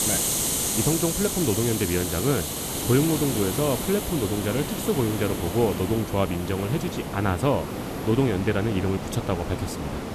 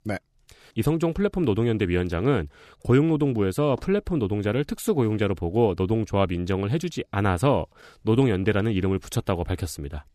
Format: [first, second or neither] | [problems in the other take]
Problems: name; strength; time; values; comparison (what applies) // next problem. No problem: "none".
second | hiss; loud; throughout; 2 dB below the speech